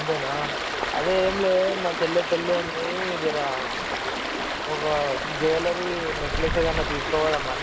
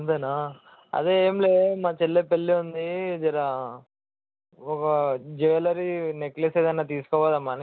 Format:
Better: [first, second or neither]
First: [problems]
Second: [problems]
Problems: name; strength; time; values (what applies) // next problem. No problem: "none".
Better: second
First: background sound (Stream); 2 dB below the speech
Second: none